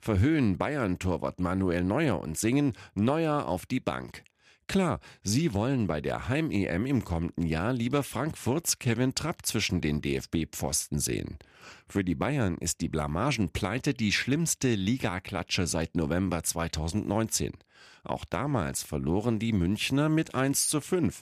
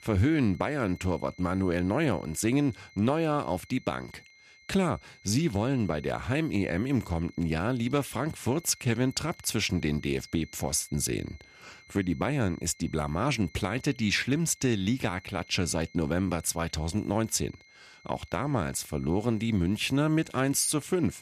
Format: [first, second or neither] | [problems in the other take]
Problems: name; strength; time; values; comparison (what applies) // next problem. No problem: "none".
first | high-pitched whine; faint; throughout; 2 kHz, 25 dB below the speech